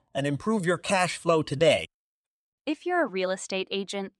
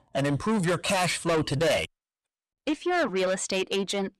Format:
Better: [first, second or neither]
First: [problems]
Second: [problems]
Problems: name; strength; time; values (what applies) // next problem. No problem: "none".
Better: first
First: none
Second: distortion; heavy; 6 dB below the speech